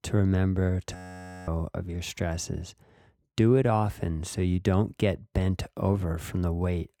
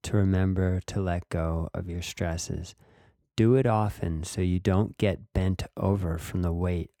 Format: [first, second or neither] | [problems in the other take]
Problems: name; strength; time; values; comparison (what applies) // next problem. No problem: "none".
second | audio freezing; at 1 s for 0.5 s